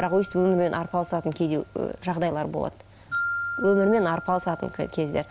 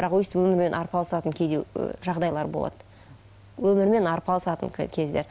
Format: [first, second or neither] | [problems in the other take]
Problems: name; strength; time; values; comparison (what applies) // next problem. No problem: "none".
second | background sound (Glockenspiel); 11 dB below the speech